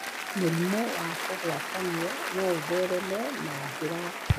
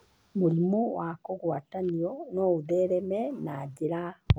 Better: second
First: background sound (Applause / Cheering); 4 dB below the speech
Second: none

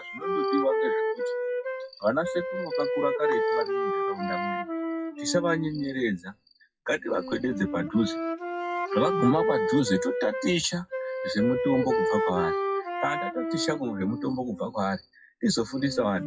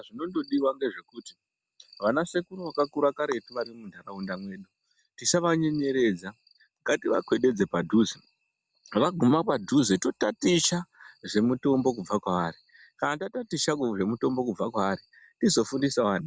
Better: second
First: noise reduction (classical method WPE with log-MMSE)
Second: none

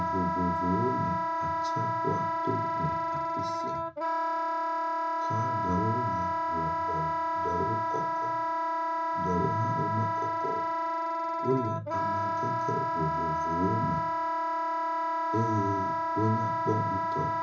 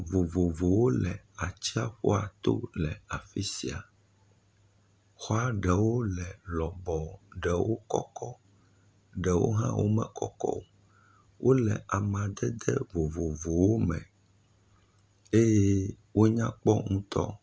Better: second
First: background sound (Wind instrument, woodwind instrument); 5 dB above the speech // room echo; dies away in 0.4 s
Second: none

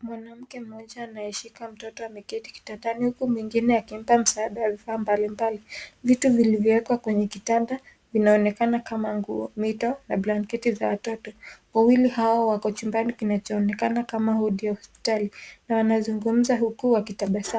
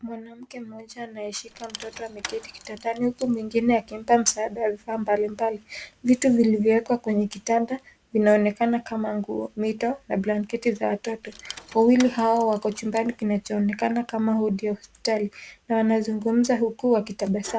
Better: first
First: none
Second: background sound (Rattle / Keys jangling); 18 dB below the speech

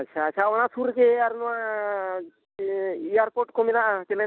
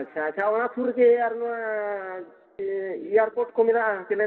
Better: first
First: none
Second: room echo; dies away in 1.9 s

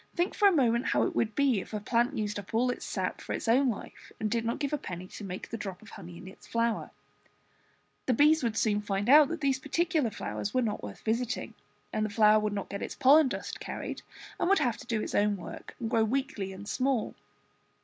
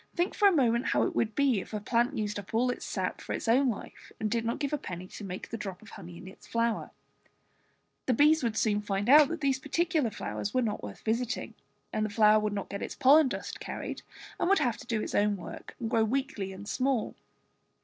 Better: first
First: none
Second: noise reduction (neural separator model SepFormer DNS4)

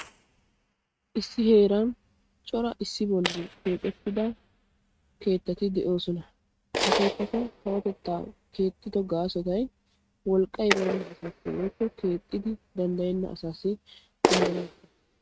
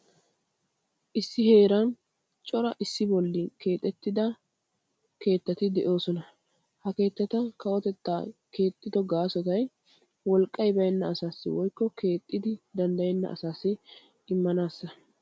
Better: second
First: noise reduction (neural mask model RNNoise)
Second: none

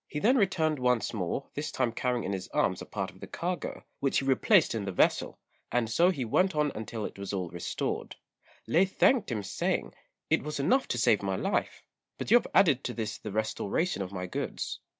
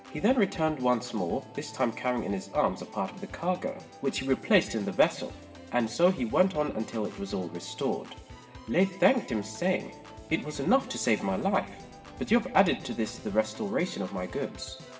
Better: first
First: none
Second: background sound (Organ); 17 dB below the speech // room echo; dies away in 1.5 s

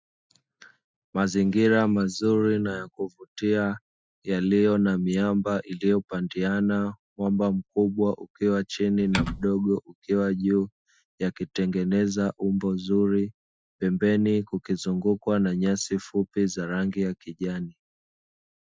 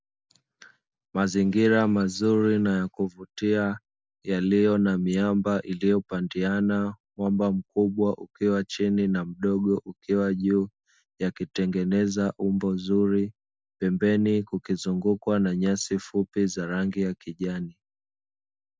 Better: second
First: noise reduction (classical method Wiener filter)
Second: none

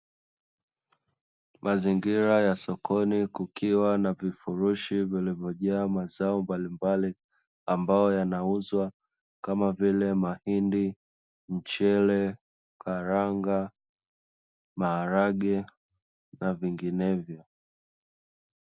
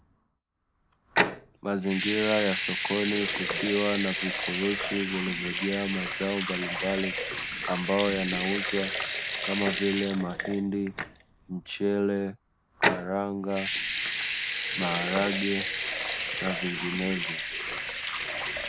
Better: first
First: none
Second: background sound (Sink (filling or washing) / Water tap, faucet / Liquid); 1 dB below the speech

